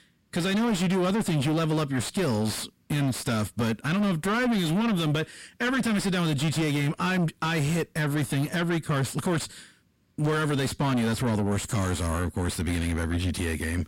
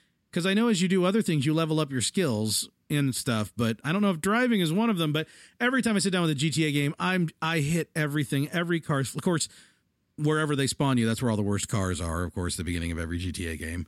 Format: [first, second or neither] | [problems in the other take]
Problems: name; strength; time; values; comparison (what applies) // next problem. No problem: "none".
second | distortion; heavy; 7 dB below the speech